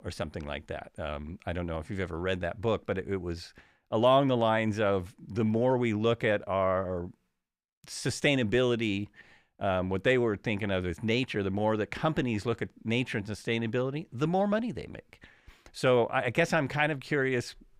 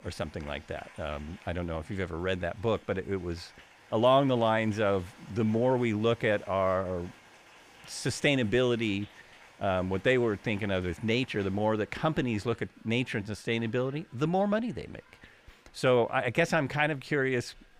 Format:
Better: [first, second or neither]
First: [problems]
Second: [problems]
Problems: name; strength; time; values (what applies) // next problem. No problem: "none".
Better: first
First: none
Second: crowd noise; faint; throughout; 25 dB below the speech